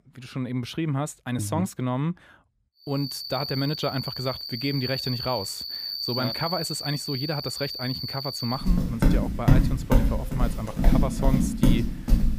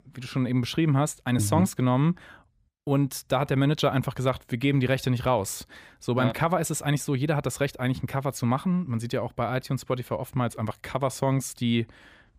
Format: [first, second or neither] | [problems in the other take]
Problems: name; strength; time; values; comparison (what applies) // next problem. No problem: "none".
second | animal sounds; very loud; from 3 s on; 3 dB above the speech